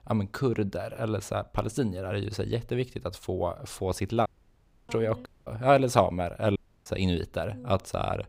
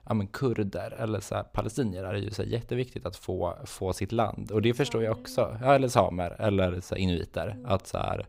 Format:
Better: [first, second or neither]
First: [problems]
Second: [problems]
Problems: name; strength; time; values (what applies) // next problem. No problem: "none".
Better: second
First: audio cutting out; at 4.5 s for 0.5 s, at 5.5 s and at 6.5 s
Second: none